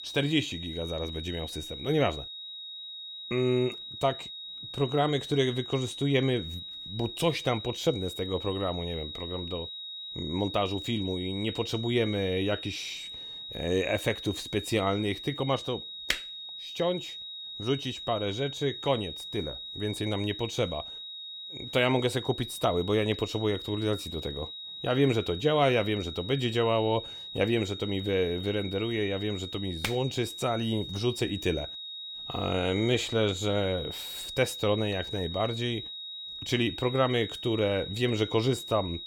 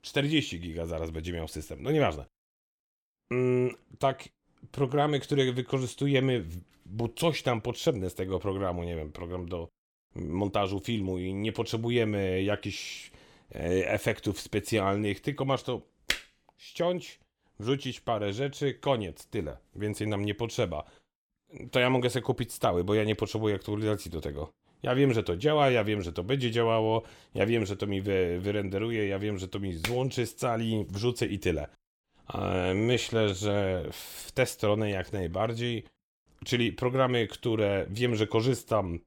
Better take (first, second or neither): second